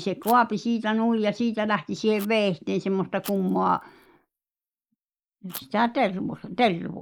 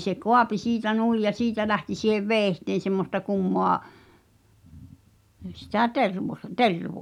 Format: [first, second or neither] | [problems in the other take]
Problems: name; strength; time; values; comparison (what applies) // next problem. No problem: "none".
second | noise reduction (neural mask model Resemble Enhance denoiser)